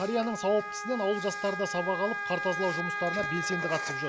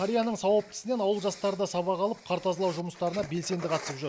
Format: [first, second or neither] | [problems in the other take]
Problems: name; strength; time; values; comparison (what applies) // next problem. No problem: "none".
second | background sound (Wind instrument, woodwind instrument); 4 dB below the speech